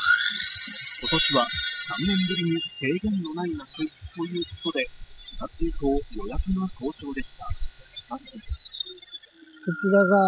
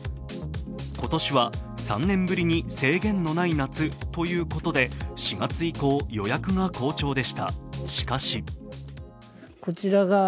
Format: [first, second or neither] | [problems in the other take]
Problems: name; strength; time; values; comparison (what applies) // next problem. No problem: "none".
second | noise reduction (classical method spectral subtraction)